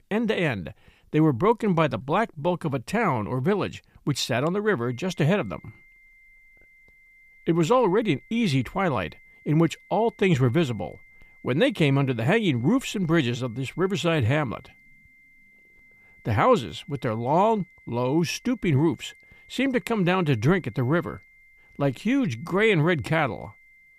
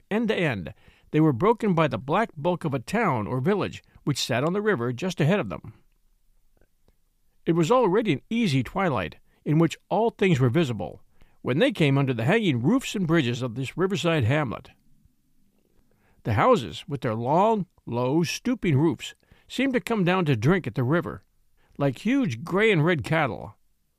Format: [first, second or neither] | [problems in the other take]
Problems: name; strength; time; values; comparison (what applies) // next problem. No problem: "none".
second | high-pitched whine; faint; from 5 s on; 2 kHz, 30 dB below the speech